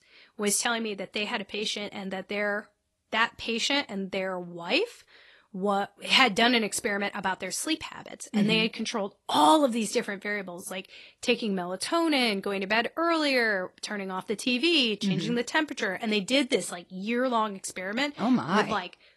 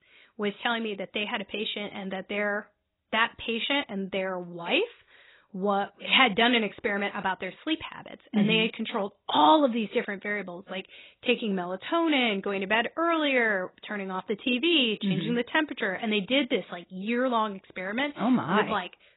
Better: first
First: garbled, watery; slightly; nothing above 11.5 kHz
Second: garbled, watery; badly; nothing above 4 kHz

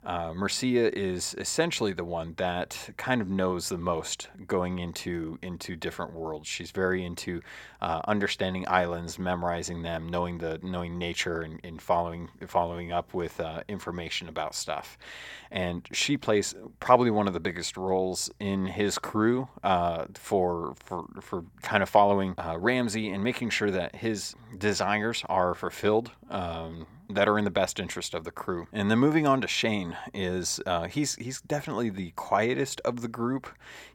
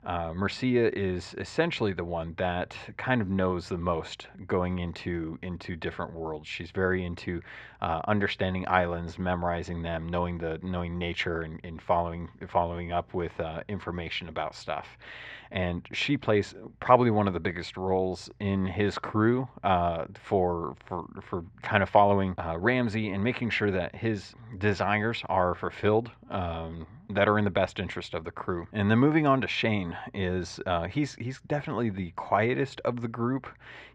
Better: first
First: none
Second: muffled; slightly; fading above 2.5 kHz

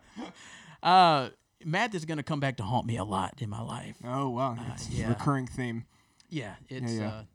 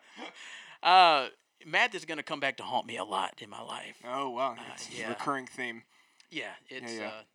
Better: first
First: none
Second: thin; somewhat; fading below 450 Hz

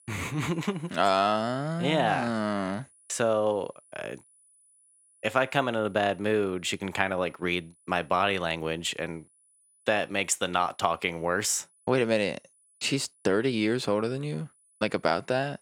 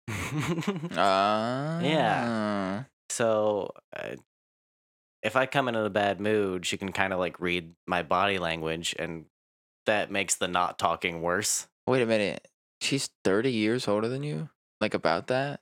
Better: second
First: high-pitched whine; faint; throughout; 10 kHz, 30 dB below the speech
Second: none

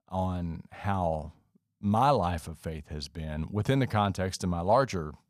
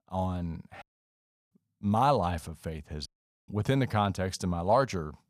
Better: first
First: none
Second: audio cutting out; at 1 s for 0.5 s and at 3 s

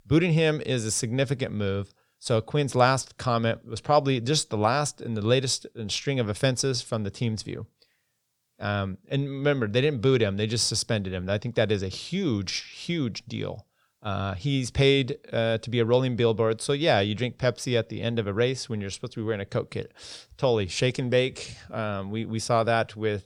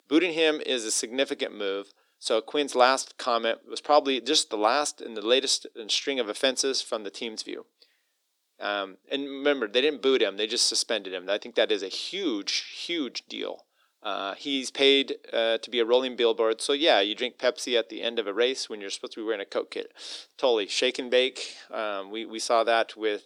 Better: first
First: none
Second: thin; somewhat; fading below 300 Hz

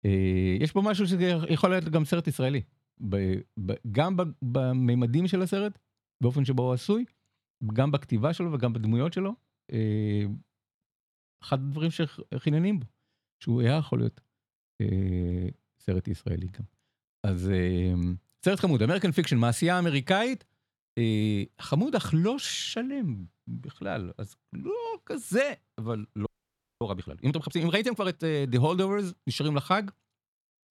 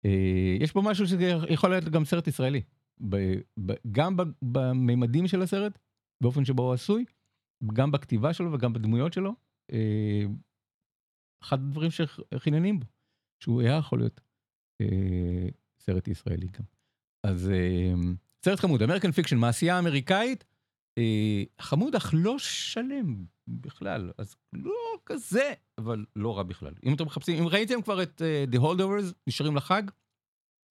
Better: second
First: audio freezing; at 26 s for 0.5 s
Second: none

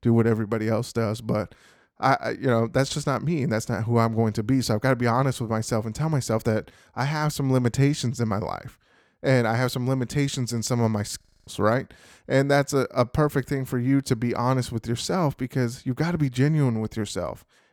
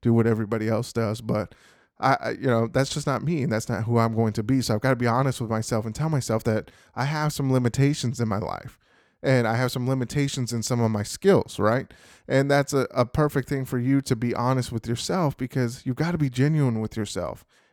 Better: second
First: audio freezing; at 11 s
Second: none

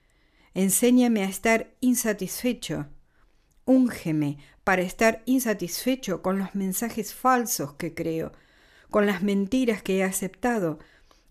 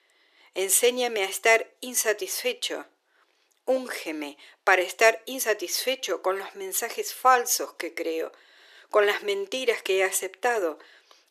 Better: first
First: none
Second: thin; very; fading below 350 Hz

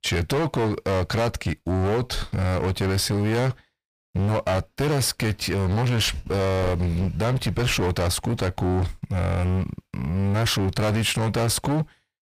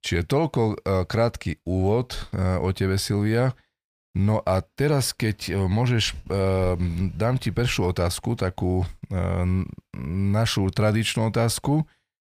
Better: second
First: distortion; heavy; 28% of the sound clipped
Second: none

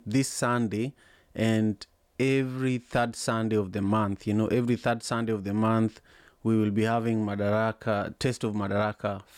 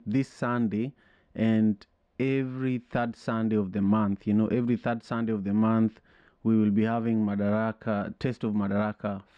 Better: first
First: none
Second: muffled; slightly; fading above 3 kHz

